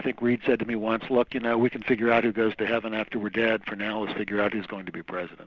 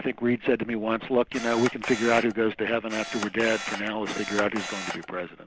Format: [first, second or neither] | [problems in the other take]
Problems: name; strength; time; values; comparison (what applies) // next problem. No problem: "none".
first | background sound (Camera); 9 dB below the speech